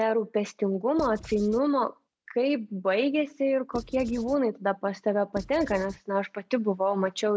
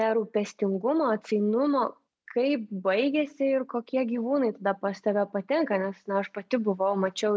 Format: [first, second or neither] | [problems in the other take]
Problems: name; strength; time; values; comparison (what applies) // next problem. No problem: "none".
second | background sound (Writing); 15 dB below the speech